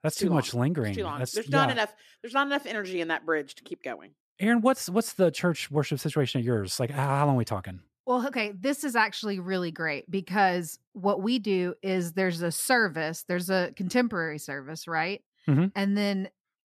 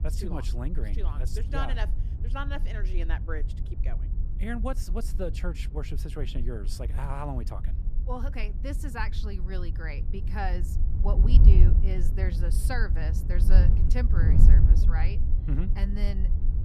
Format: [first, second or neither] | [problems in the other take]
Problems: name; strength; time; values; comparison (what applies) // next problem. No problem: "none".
first | wind noise on the microphone; heavy; 6 dB below the speech